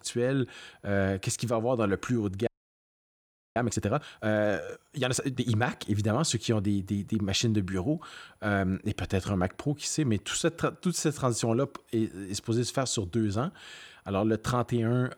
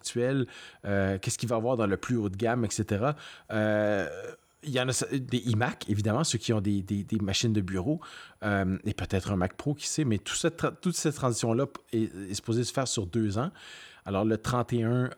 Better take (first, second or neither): second